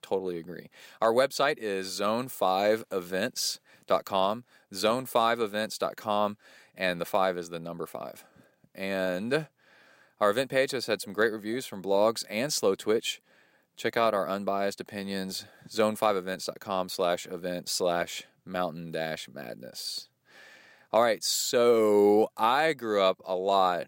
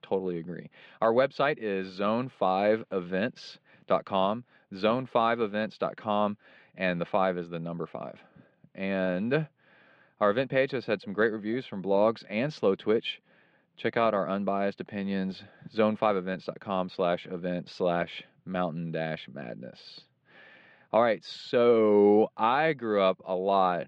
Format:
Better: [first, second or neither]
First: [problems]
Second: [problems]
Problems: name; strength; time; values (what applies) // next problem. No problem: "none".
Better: first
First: none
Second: muffled; slightly; fading above 3 kHz